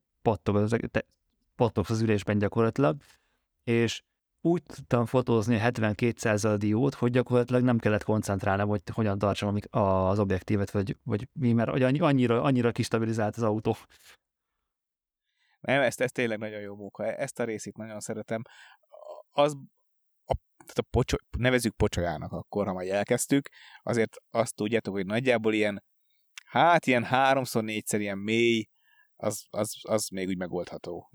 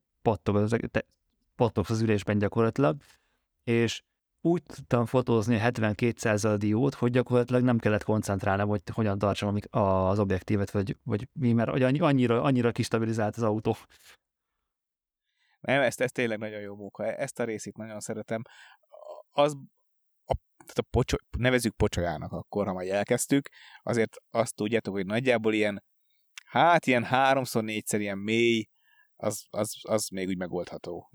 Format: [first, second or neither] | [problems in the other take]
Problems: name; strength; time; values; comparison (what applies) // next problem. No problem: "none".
neither | none